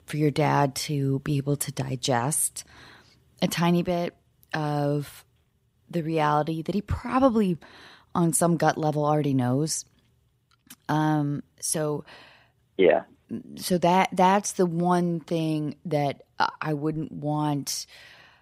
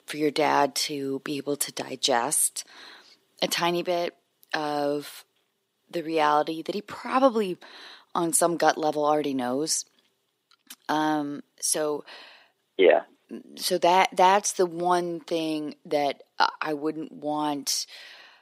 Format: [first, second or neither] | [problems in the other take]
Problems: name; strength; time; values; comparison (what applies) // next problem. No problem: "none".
first | thin; somewhat; fading below 300 Hz